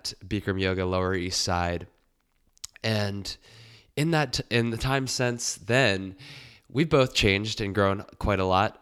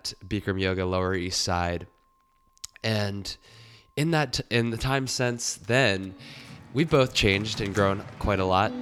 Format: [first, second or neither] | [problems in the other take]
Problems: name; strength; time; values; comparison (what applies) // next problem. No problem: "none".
first | background music; noticeable; throughout; 15 dB below the speech